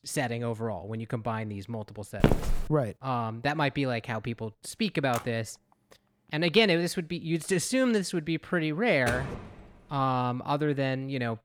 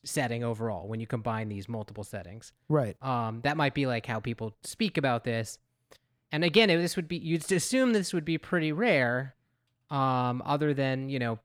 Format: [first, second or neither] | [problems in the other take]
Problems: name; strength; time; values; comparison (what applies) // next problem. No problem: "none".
second | footsteps; loud; at 2 s; peak 3 dB above the speech // phone ringing; faint; at 5 s; peak 10 dB below the speech // door banging; noticeable; at 9 s; peak 5 dB below the speech